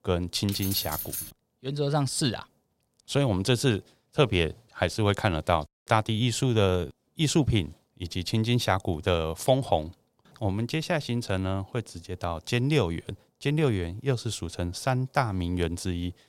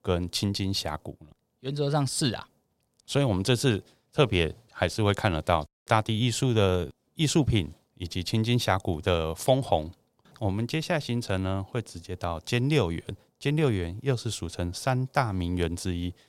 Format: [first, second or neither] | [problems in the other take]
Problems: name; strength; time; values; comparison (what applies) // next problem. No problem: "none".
second | jangling keys; noticeable; at 0.5 s; peak 4 dB below the speech